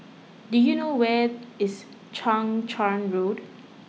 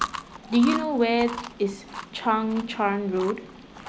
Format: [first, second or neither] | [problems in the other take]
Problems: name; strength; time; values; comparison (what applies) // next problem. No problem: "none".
first | background sound (Chewing, mastication); 11 dB below the speech